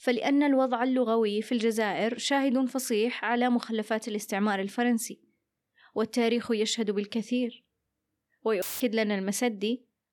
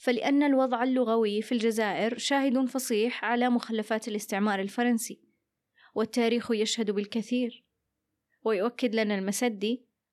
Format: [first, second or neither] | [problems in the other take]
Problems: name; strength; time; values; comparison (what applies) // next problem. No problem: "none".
second | audio cutting out; filled with static; at 8.5 s